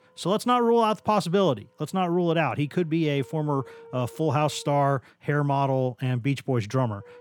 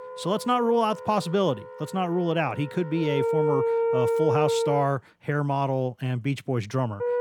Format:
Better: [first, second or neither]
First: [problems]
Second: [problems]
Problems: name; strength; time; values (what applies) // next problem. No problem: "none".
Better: first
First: background music; faint; throughout; 25 dB below the speech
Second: background music; loud; throughout; as loud as the speech